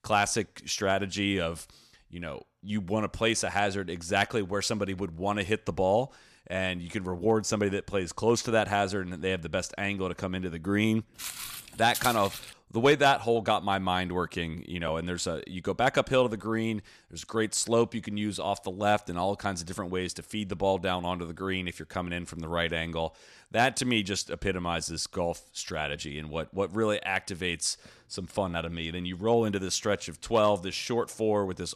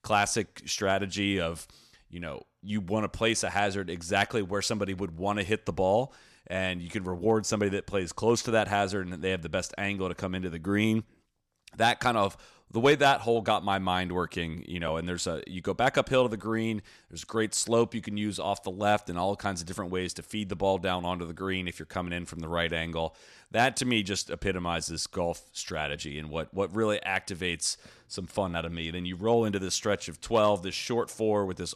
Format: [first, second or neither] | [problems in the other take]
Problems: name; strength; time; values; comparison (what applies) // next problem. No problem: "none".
second | footsteps; noticeable; from 11 to 13 s; peak 4 dB below the speech